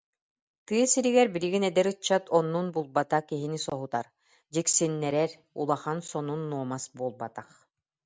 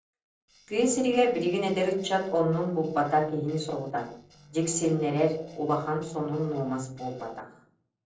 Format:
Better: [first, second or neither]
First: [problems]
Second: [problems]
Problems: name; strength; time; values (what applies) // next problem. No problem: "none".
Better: first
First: none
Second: noise reduction (neural separator model SepFormer DNS4)